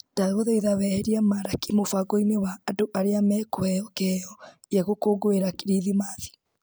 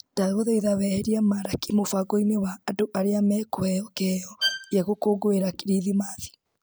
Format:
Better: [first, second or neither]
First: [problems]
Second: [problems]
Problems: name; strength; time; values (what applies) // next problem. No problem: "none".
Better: first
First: none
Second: background sound (Bowed string instrument); 7 dB below the speech